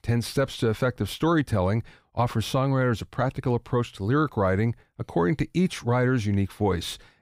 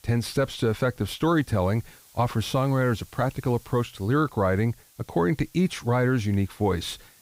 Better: first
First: none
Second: hiss; faint; throughout; 25 dB below the speech

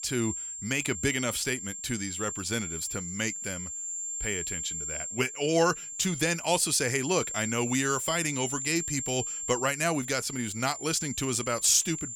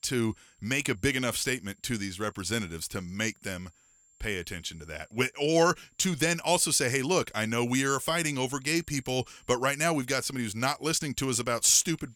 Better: second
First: high-pitched whine; loud; throughout; 7.5 kHz, 5 dB below the speech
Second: high-pitched whine; faint; throughout; 7.5 kHz, 35 dB below the speech

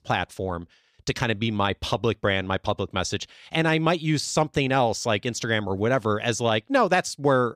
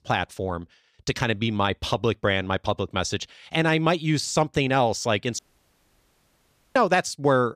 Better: first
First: none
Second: audio cutting out; at 5.5 s for 1.5 s

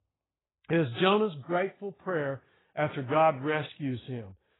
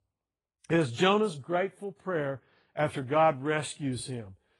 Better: second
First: garbled, watery; badly; nothing above 4 kHz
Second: garbled, watery; slightly; nothing above 10 kHz

